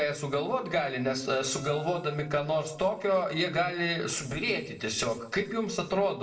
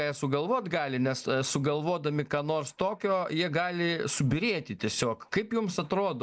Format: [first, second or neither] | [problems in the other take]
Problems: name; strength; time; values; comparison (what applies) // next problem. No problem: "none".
second | noise reduction (neural separator model SepFormer DNS4)